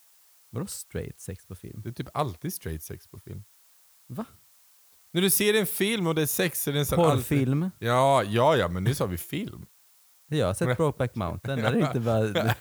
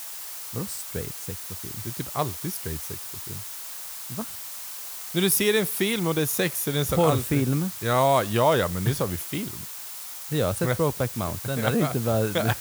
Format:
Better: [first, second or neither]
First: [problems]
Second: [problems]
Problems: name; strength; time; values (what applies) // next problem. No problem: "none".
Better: first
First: hiss; faint; throughout; 30 dB below the speech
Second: hiss; loud; throughout; 9 dB below the speech